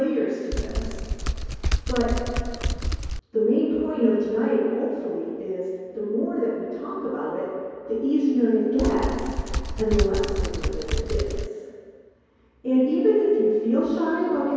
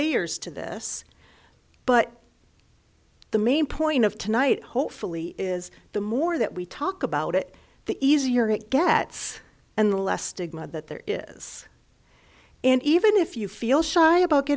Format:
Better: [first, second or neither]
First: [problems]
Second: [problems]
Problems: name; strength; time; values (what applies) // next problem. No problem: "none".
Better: second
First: background sound (Typing); 2 dB below the speech // room echo; dies away in 2.2 s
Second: none